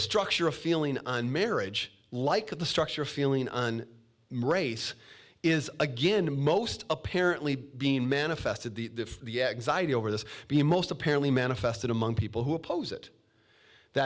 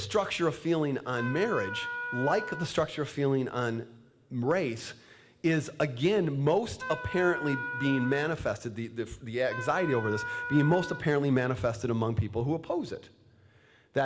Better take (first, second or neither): first